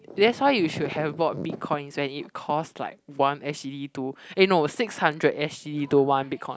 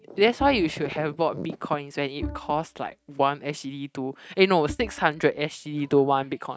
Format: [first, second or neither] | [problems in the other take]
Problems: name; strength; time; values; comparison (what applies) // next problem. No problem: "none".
first | noise reduction (neural mask model RNNoise)